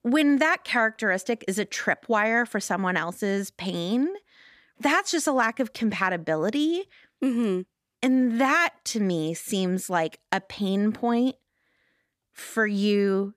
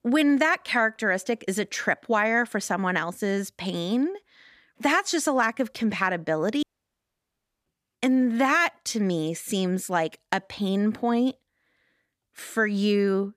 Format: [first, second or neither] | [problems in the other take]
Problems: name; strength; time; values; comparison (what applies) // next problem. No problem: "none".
first | audio cutting out; at 6.5 s for 1 s